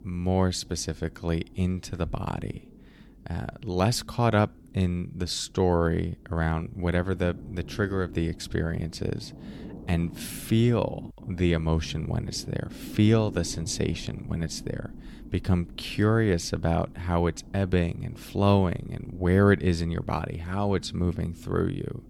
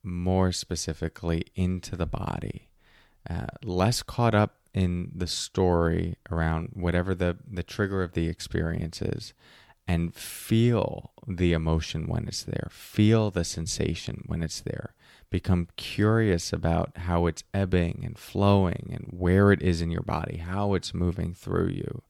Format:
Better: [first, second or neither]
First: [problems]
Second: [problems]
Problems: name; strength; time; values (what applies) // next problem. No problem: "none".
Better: second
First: low rumble; faint; throughout; 20 dB below the speech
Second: none